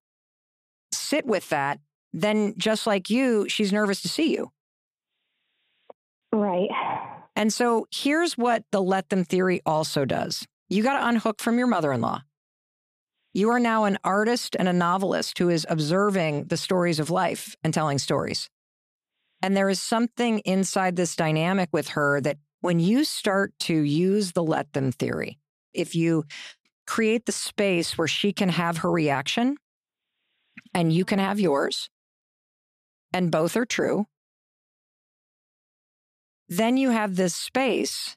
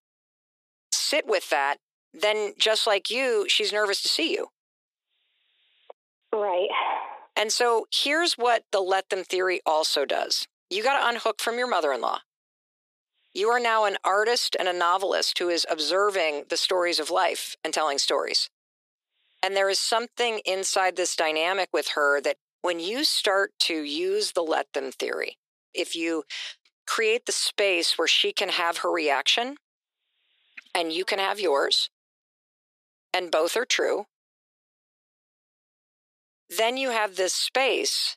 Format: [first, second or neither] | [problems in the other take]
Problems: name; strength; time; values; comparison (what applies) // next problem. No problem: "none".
first | thin; very; fading below 350 Hz